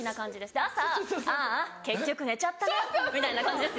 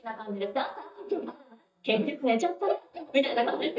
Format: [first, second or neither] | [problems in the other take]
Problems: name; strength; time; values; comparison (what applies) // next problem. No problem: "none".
first | noise reduction (neural mask model DeepFilterNet 3)